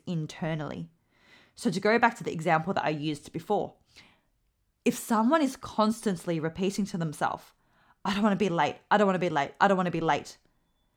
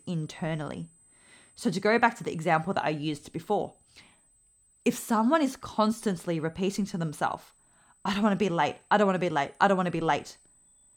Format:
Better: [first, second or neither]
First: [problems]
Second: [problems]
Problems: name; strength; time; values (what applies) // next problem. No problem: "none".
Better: first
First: none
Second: high-pitched whine; faint; throughout; 8 kHz, 30 dB below the speech